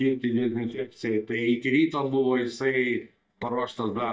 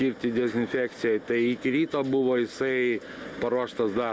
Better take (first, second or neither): second